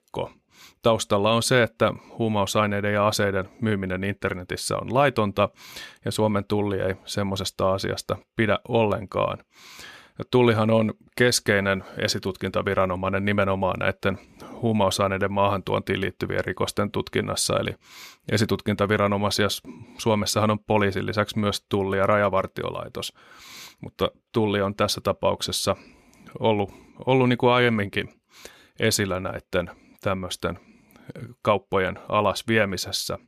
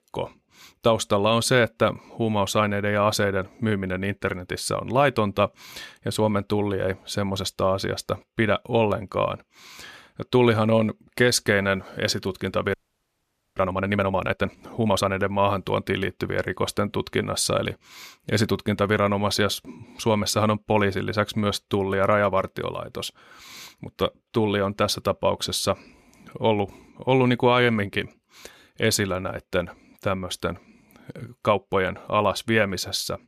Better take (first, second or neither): first